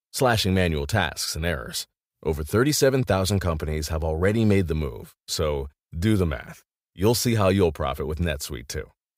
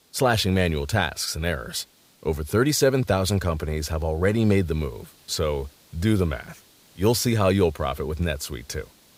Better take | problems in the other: first | hiss; faint; throughout; 30 dB below the speech

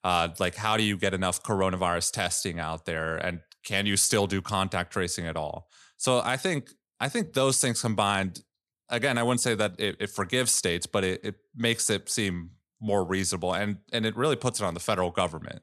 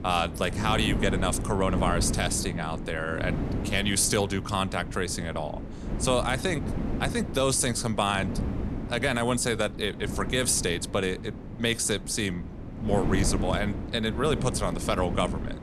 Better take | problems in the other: first | wind noise on the microphone; occasional gusts; 10 dB below the speech

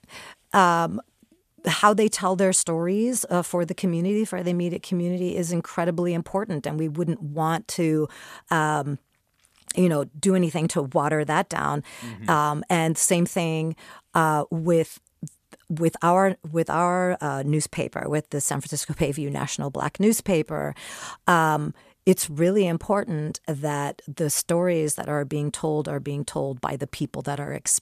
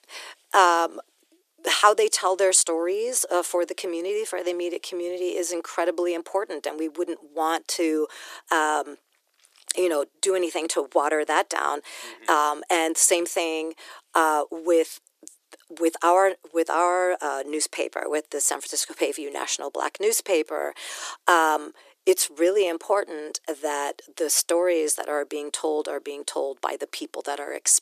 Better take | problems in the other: first | thin; very; fading below 350 Hz

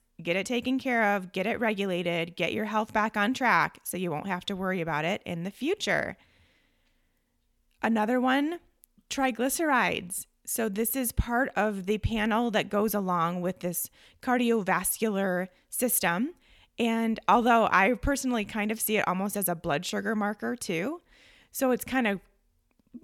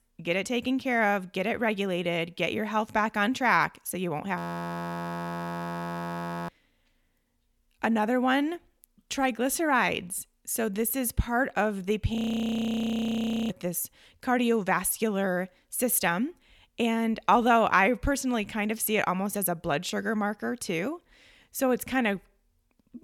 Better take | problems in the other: first | audio freezing; at 4.5 s for 2 s and at 12 s for 1.5 s

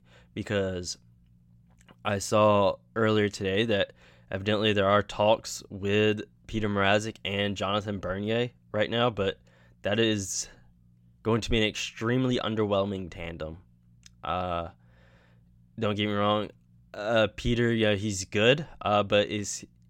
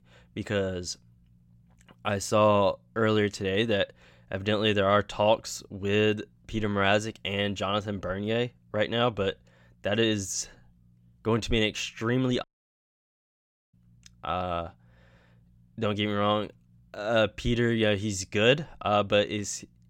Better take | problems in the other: first | audio cutting out; at 12 s for 1.5 s

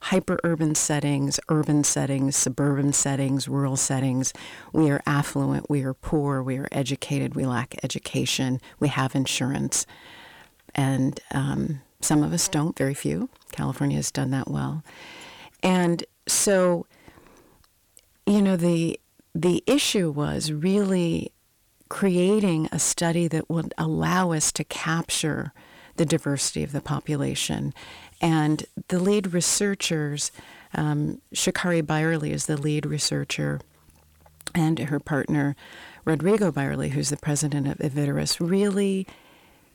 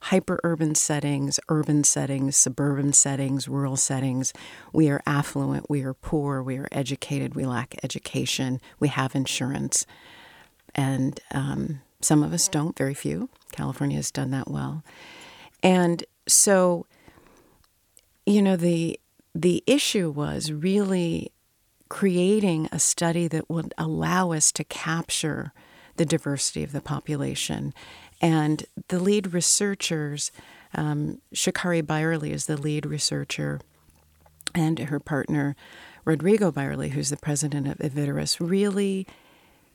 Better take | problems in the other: second | distortion; slight; 10 dB below the speech

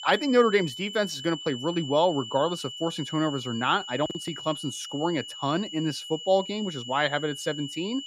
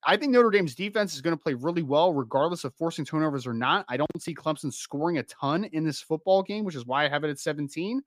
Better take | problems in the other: second | high-pitched whine; loud; throughout; 3 kHz, 10 dB below the speech

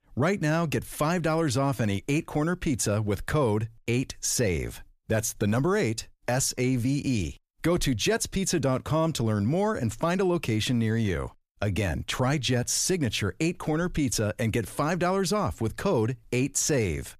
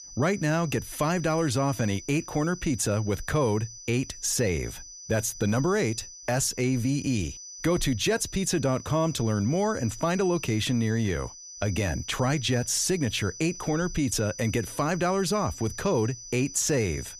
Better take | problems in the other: first | high-pitched whine; noticeable; throughout; 6 kHz, 15 dB below the speech

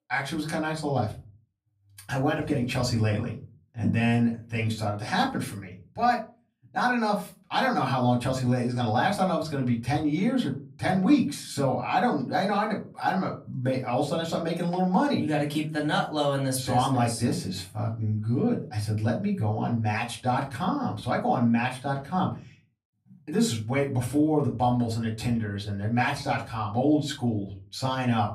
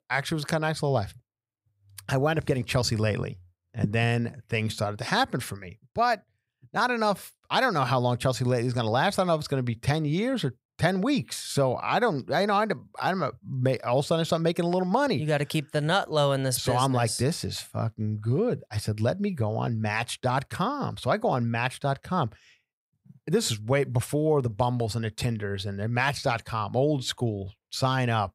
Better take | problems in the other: second | off-mic speech; far // room echo; very slight; dies away in 0.3 s

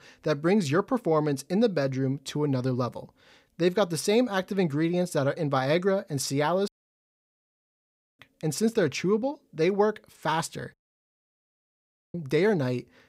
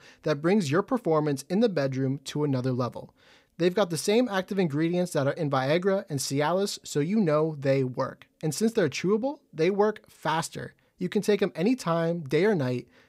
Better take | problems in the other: second | audio cutting out; at 6.5 s for 1.5 s and at 11 s for 1.5 s

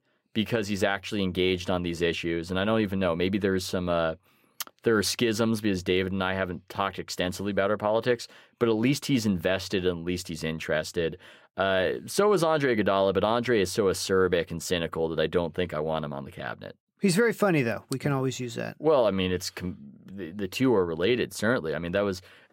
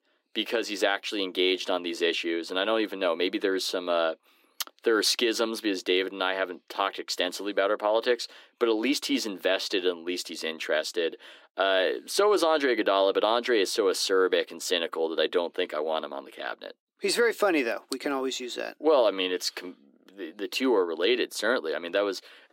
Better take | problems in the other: first | thin; somewhat; fading below 300 Hz

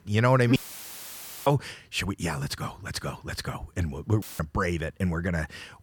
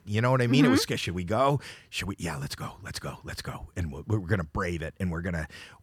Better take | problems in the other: second | audio cutting out; filled with static; at 0.5 s for 1 s and at 4 s

